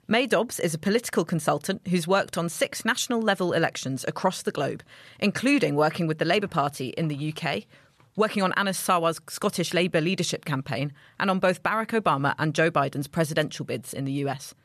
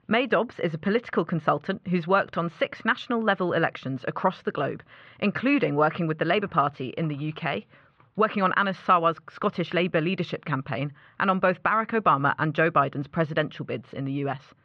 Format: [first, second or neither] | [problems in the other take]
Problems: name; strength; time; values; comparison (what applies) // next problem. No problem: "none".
first | muffled; very; fading above 3 kHz